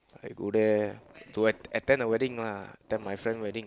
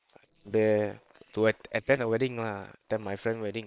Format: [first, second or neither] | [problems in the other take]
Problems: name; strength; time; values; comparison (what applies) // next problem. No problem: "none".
first | noise reduction (neural separator model SepFormer WHAM!)